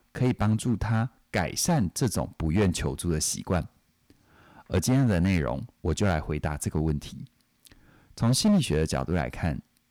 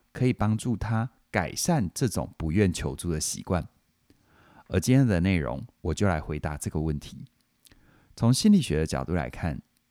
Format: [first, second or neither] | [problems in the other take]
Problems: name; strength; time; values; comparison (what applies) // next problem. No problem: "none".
second | distortion; slight; 5% of the sound clipped